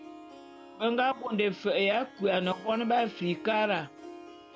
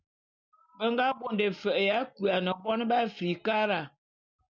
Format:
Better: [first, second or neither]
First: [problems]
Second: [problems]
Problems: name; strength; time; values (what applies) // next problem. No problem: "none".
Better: second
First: background sound (Harp); 17 dB below the speech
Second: none